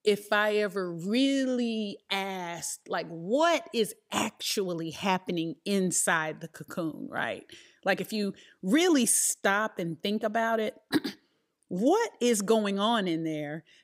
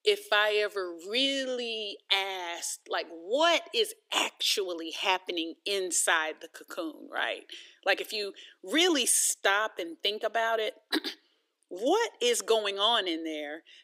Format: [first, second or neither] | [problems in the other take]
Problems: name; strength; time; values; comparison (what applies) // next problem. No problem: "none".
first | thin; somewhat; fading below 300 Hz